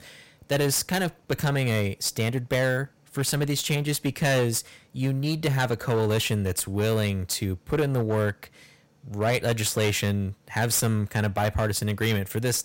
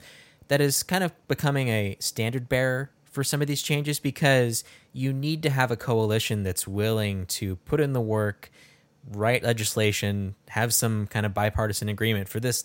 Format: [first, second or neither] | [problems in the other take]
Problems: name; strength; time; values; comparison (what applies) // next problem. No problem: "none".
second | distortion; slight; 11% of the sound clipped